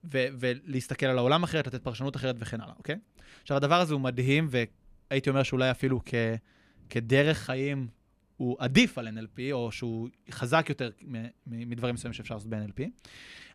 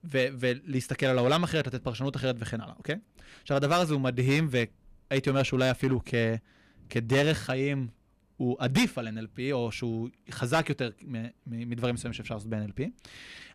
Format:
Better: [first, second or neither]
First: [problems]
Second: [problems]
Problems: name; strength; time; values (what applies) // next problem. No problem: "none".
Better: first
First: none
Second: distortion; slight; 3% of the sound clipped